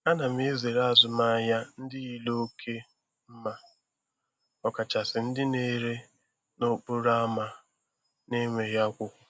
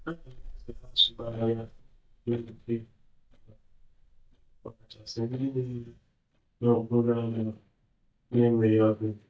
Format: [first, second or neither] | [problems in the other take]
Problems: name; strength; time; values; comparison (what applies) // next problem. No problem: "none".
first | noise reduction (neural mask model DeepFilterNet 3)